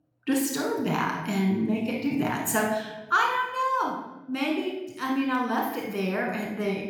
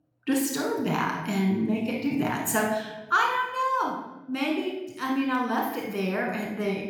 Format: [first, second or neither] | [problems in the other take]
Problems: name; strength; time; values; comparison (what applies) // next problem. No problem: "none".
neither | off-mic speech; somewhat distant; the same in both // room echo; noticeable; dies away in 0.9 s; the same in both